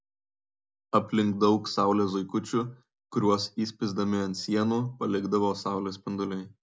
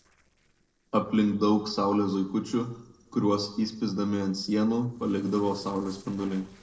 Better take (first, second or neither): first